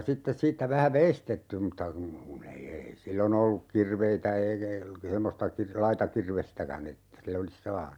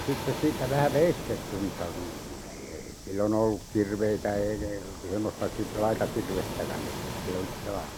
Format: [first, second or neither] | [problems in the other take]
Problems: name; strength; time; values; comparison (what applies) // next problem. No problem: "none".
first | background sound (Waves, surf); 7 dB below the speech